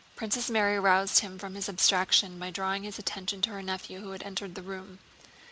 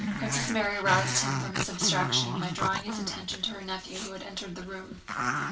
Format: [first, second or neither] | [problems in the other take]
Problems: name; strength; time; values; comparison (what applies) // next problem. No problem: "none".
first | background sound (Growling); 2 dB below the speech // room echo; dies away in 0.3 s